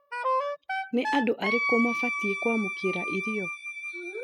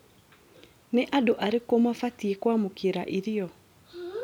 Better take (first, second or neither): second